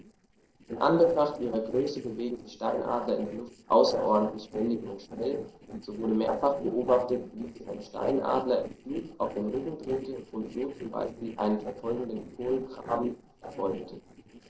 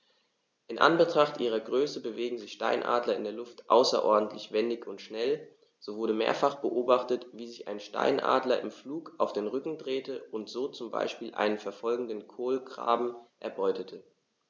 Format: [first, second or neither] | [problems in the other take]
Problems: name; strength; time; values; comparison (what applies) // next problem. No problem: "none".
second | noise reduction (neural separator model SepFormer DNS4)